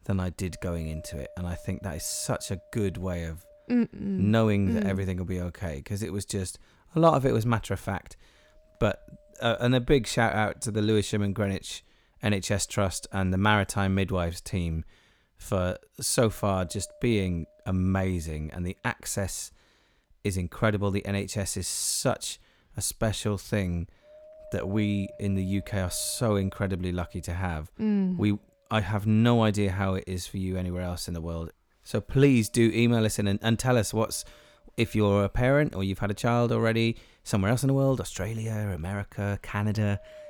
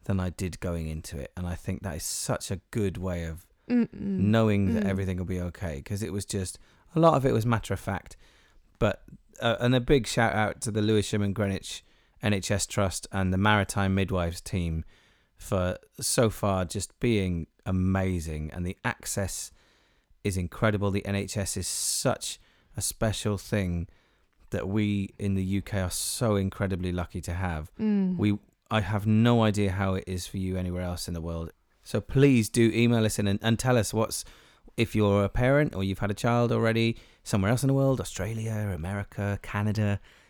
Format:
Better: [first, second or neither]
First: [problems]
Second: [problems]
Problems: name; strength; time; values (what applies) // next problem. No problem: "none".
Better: second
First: wind noise on the microphone; occasional gusts; 20 dB below the speech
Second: none